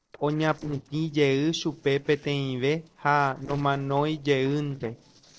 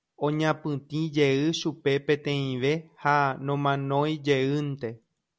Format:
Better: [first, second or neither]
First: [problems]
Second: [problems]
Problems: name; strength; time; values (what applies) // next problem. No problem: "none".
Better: second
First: noise reduction (neural separator model SepFormer DNS4)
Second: none